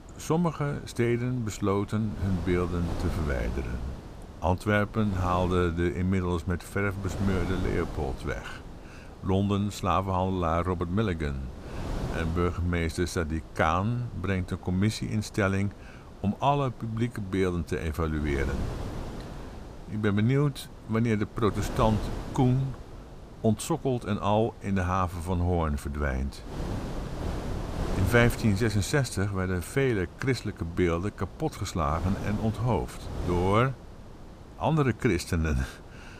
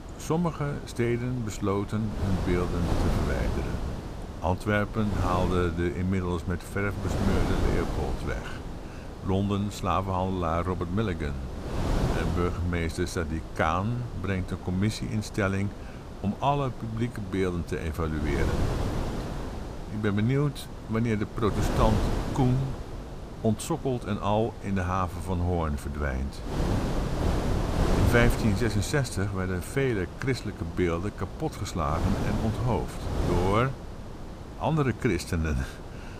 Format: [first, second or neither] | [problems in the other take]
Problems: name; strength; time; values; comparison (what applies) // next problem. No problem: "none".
first | wind noise on the microphone; heavy; 7 dB below the speech; occasional gusts in the first